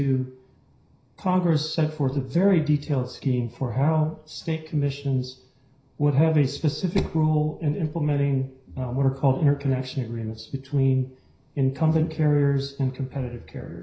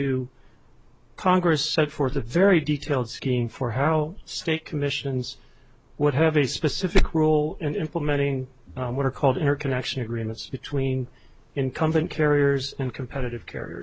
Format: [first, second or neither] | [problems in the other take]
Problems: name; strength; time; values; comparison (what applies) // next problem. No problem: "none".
second | room echo; dies away in 0.5 s